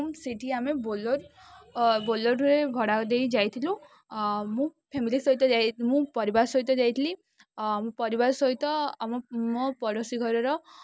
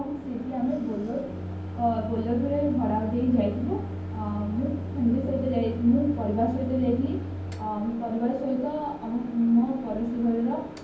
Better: first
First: none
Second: background sound (Microwave oven); 8 dB below the speech // room echo; dies away in 0.9 s

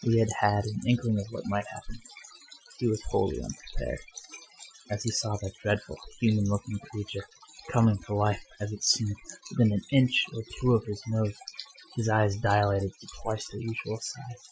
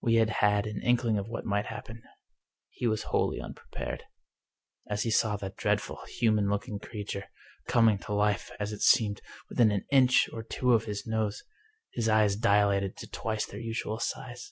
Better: second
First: noise reduction (classical method Wiener filter)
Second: none

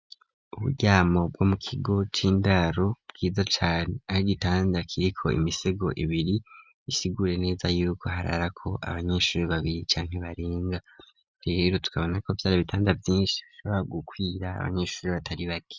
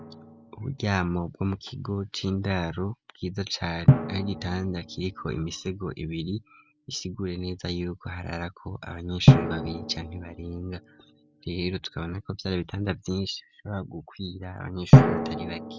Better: first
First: none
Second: background sound (Drum); 4 dB above the speech

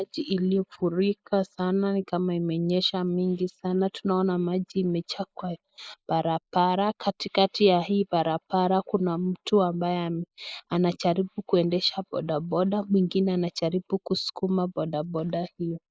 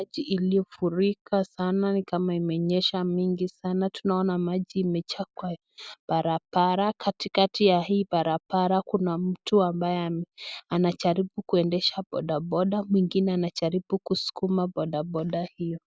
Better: second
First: noise reduction (neural mask model Resemble Enhance denoiser)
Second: none

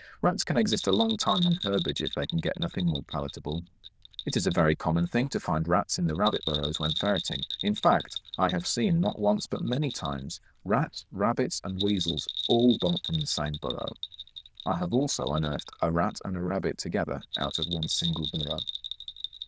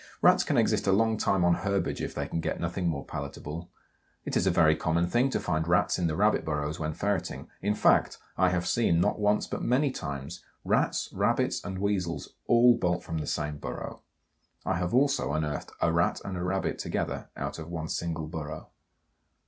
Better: second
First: noise reduction (neural diffusion model UNIVERSE++)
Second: none

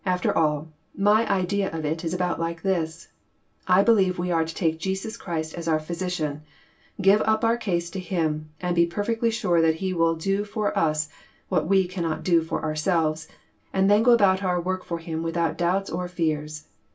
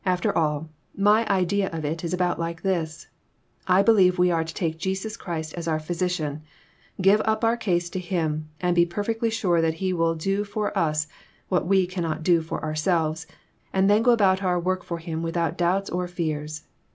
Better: second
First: room echo; dies away in 0.2 s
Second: none

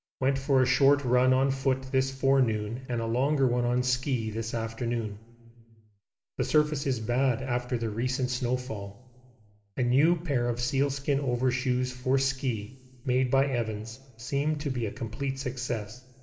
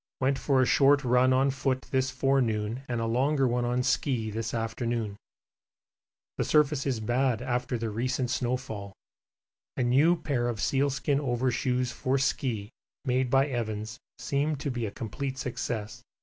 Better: second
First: room echo; dies away in 2.8 s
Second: none

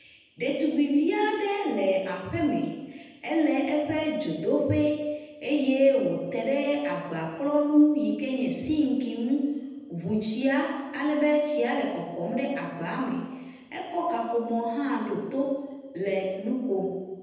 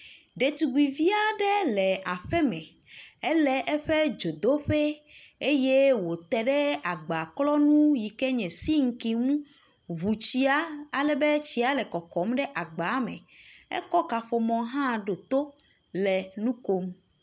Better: second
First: room echo; dies away in 1 s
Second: none

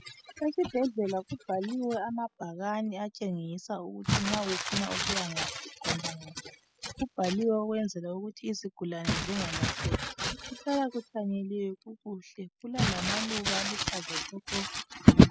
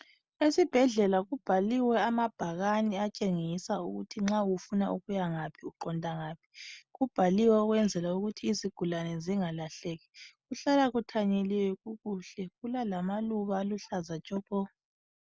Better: second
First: noise reduction (classical method spectral subtraction)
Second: none

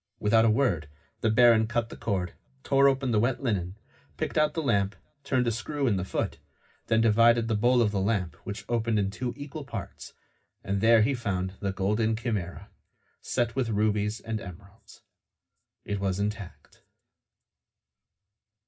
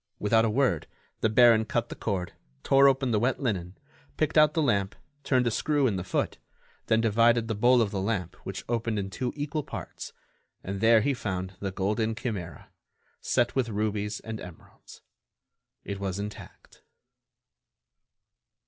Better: second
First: room echo; dies away in 0.4 s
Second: none

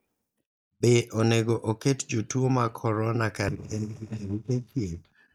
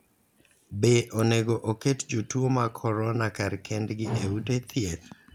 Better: second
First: noise reduction (neural mask model DeepFilterNet 3)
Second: none

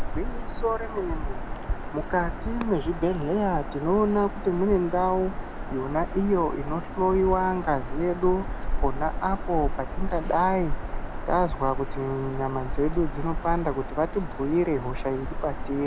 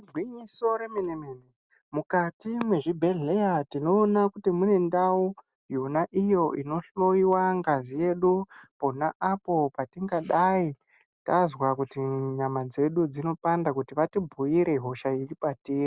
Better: second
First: background sound (Bird vocalization, bird call, bird song); 3 dB below the speech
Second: none

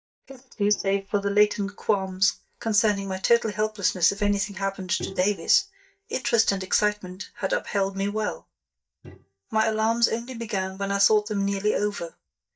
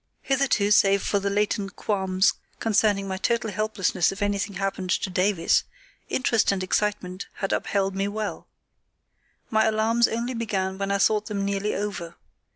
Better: second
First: noise reduction (neural mask model DeepFilterNet 3)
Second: none

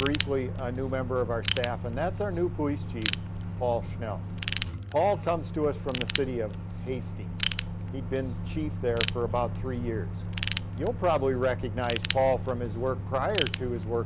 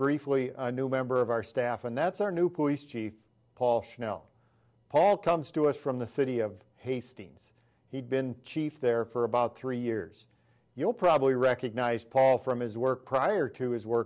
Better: second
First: background sound (Ratchet, pawl / Tools + Microwave oven); 2 dB below the speech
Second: none

